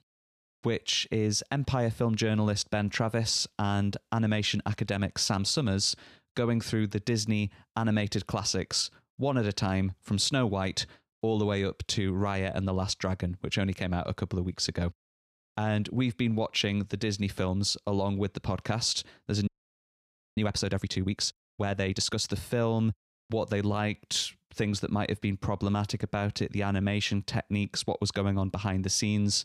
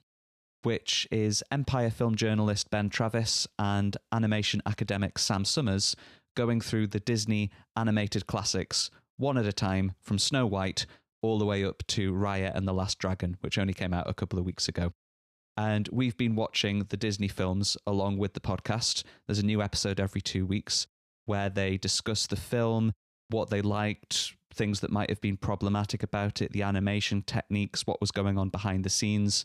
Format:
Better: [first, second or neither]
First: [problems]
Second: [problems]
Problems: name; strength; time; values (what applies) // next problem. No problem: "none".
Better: second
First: audio freezing; at 19 s for 1 s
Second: none